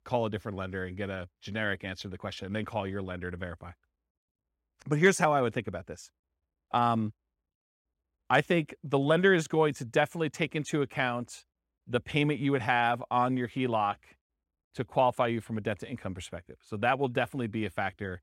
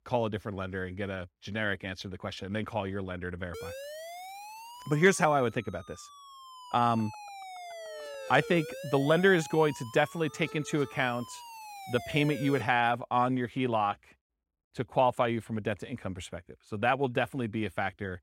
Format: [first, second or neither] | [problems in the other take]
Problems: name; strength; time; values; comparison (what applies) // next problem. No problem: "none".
first | siren; faint; from 3.5 to 13 s; peak 10 dB below the speech